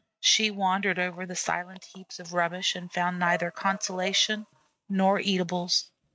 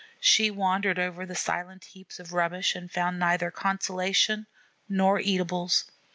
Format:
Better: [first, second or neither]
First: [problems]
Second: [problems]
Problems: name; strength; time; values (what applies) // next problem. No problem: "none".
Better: second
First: noise reduction (neural mask model RNNoise)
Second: none